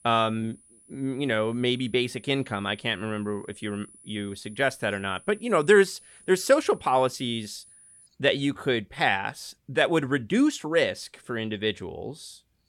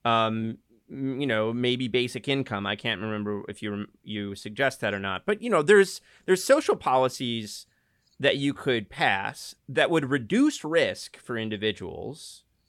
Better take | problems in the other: second | high-pitched whine; faint; until 8 s; 9.5 kHz, 25 dB below the speech

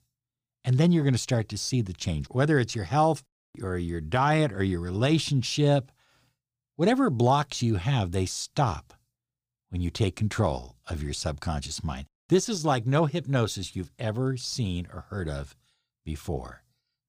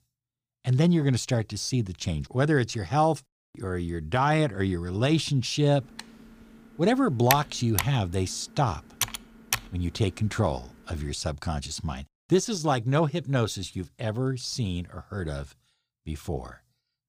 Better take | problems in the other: first | keyboard typing; noticeable; from 6 to 9.5 s; peak 1 dB below the speech

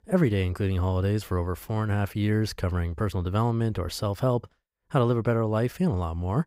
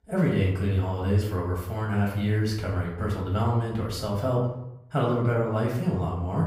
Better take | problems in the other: first | off-mic speech; far // room echo; noticeable; dies away in 0.6 s

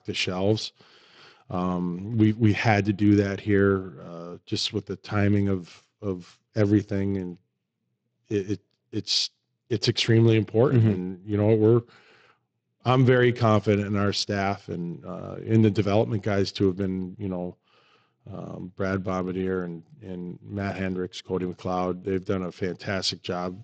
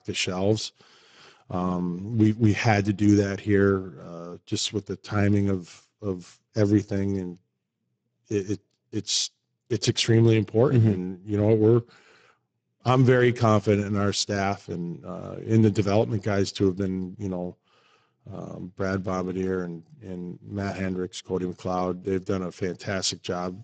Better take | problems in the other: first | garbled, watery; badly; nothing above 7.5 kHz; slightly in the first

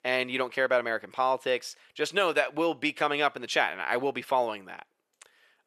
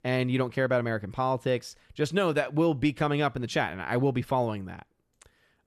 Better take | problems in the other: second | thin; somewhat; fading below 500 Hz

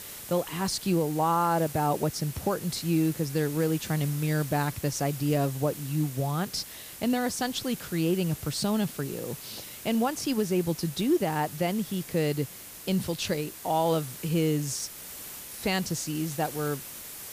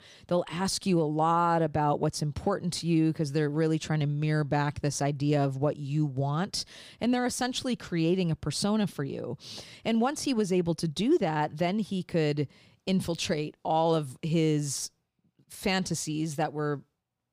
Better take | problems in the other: second | hiss; noticeable; throughout; 10 dB below the speech

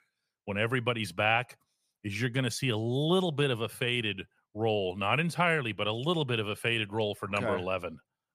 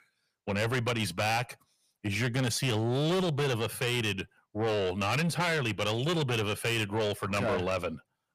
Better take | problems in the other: first | distortion; heavy; 6 dB below the speech

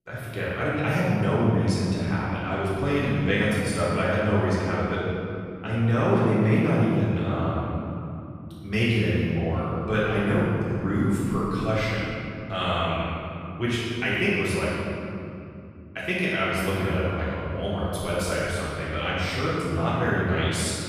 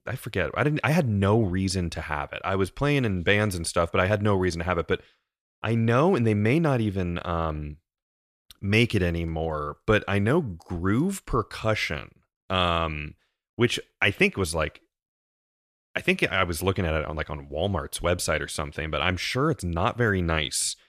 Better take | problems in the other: second | room echo; strong; dies away in 2.7 s // off-mic speech; far

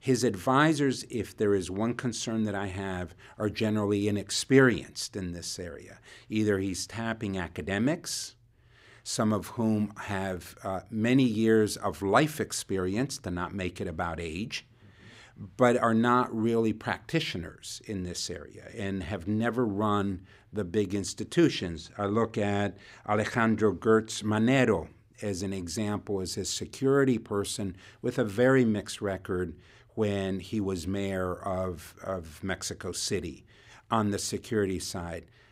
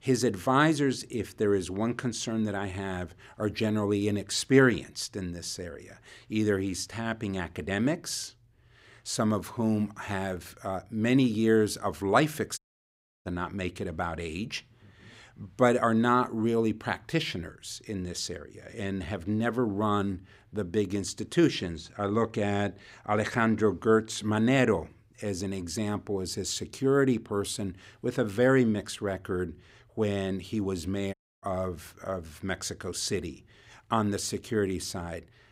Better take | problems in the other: first | audio cutting out; at 13 s for 0.5 s and at 31 s

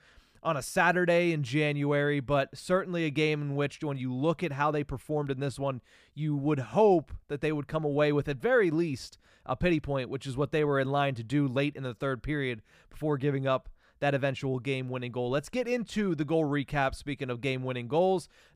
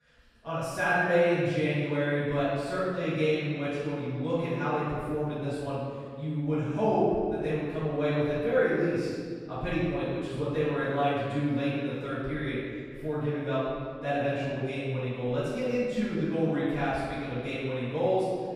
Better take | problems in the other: first | off-mic speech; far // room echo; strong; dies away in 1.8 s

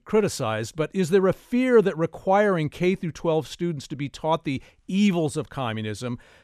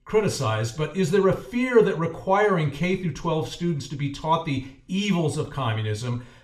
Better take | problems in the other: first | room echo; very slight; dies away in 0.4 s

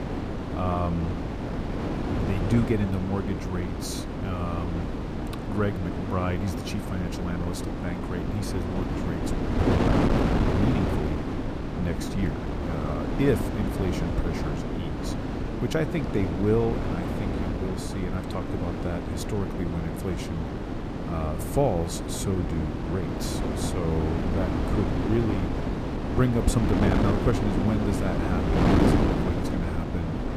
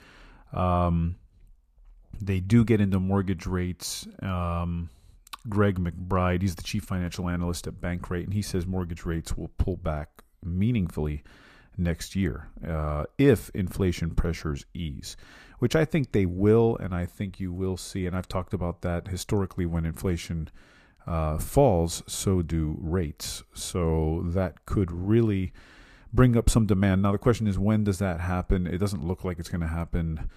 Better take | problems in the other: second | wind noise on the microphone; heavy; 1 dB above the speech

